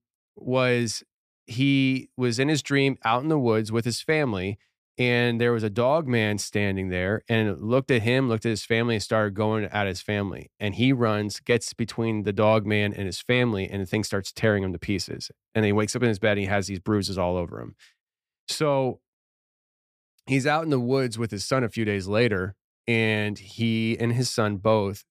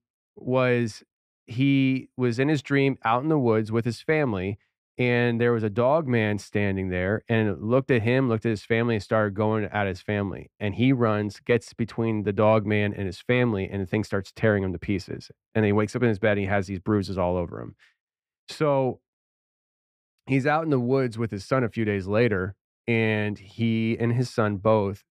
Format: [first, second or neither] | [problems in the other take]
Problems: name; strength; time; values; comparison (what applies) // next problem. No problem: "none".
first | muffled; slightly; fading above 3.5 kHz